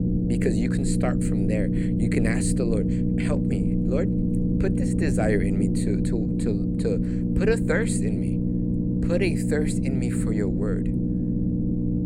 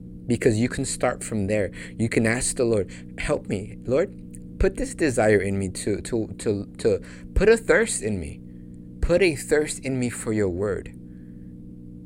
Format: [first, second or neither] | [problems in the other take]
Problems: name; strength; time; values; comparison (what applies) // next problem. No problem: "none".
second | low rumble; loud; throughout; 1 dB below the speech; faint in the second